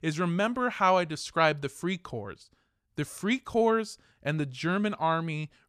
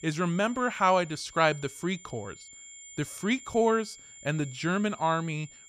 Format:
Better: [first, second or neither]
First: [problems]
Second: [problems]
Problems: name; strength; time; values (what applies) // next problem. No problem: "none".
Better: first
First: none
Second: high-pitched whine; noticeable; throughout; 7 kHz, 20 dB below the speech